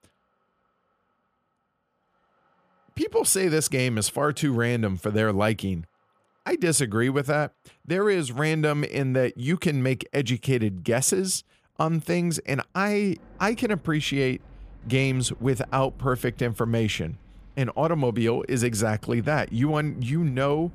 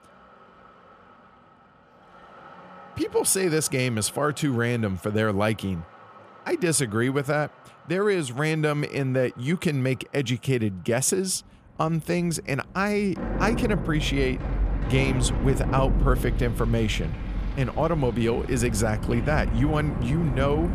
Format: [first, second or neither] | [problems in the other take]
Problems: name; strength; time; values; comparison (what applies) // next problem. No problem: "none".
first | traffic noise; loud; throughout; 4 dB below the speech; faint in the first